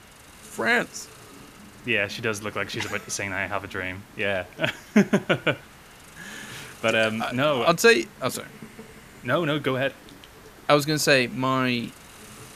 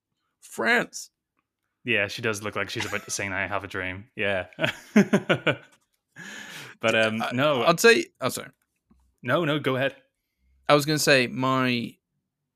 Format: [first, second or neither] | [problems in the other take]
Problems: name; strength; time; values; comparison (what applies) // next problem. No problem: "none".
second | hiss; faint; throughout; 20 dB below the speech